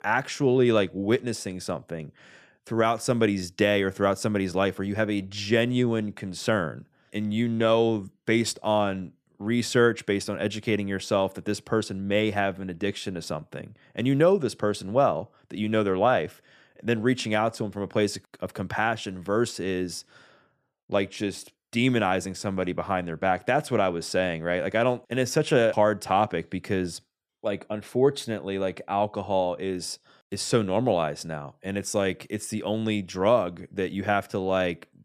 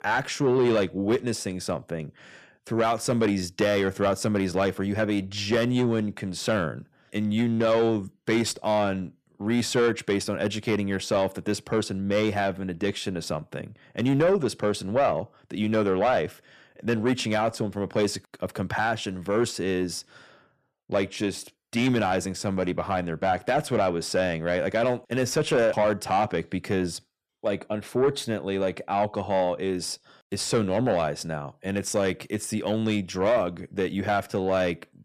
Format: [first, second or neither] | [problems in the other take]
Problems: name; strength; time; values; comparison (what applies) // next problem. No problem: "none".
first | distortion; slight; 10 dB below the speech